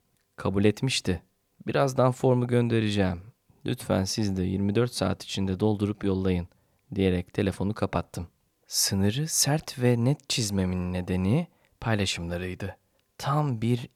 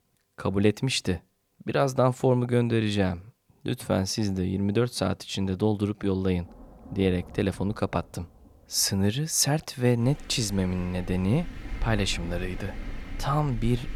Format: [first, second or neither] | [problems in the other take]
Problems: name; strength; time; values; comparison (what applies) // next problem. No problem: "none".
first | rain or running water; noticeable; from 7 s on; 15 dB below the speech